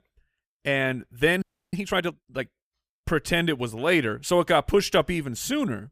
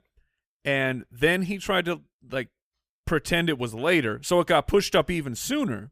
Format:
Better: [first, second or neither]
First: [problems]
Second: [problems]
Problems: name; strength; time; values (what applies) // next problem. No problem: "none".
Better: second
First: audio freezing; at 1.5 s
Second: none